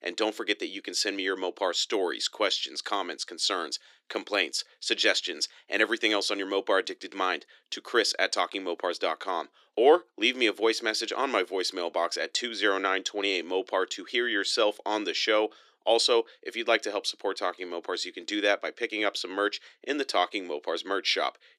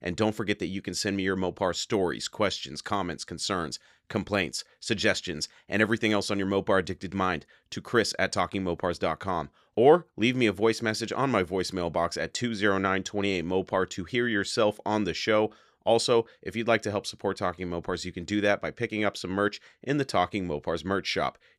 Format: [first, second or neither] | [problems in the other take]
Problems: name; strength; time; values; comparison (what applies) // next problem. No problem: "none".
second | thin; somewhat; fading below 300 Hz